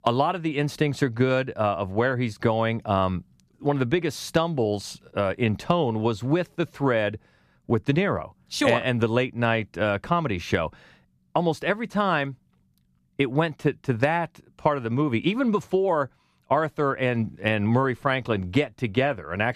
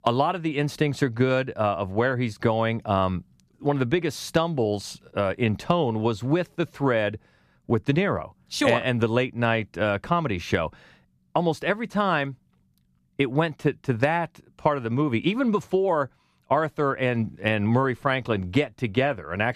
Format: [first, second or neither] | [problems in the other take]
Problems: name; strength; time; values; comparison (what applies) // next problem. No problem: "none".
neither | none